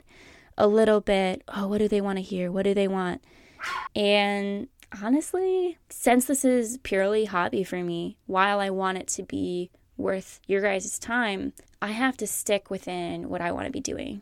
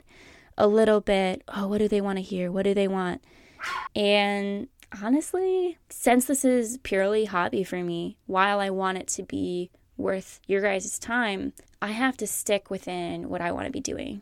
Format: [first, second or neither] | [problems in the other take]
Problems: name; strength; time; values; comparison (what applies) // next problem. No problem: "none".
neither | dog barking; noticeable; at 3.5 s; peak 6 dB below the speech; the same in both